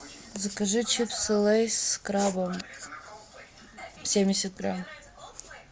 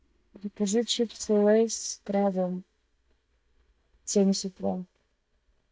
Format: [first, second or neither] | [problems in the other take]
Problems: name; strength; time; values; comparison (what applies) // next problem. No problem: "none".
first | noise reduction (neural mask model DeepFilterNet 3)